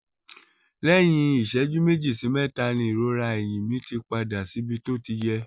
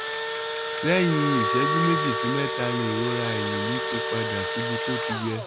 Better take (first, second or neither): first